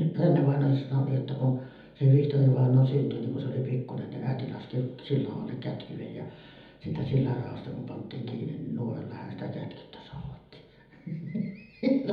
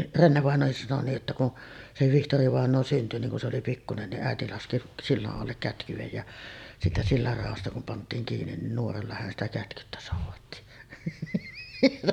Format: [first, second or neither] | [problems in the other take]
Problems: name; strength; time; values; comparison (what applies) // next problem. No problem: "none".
second | room echo; dies away in 1 s